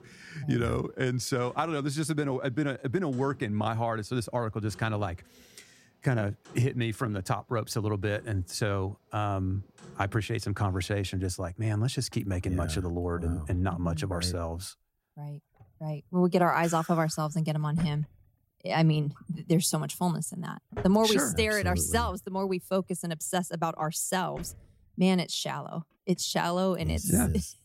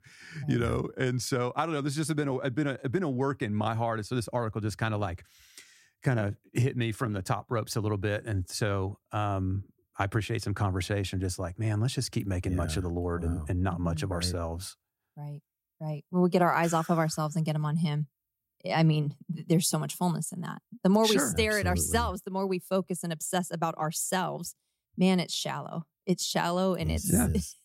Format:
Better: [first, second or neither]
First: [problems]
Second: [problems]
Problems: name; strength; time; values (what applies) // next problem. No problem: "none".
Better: second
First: household noises; faint; throughout; 20 dB below the speech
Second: none